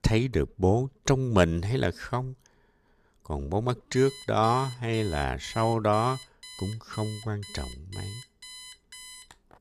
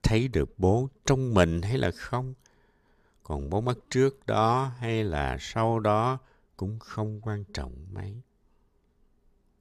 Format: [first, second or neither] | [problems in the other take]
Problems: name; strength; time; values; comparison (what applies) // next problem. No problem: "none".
second | alarm; faint; from 4 s on; peak 15 dB below the speech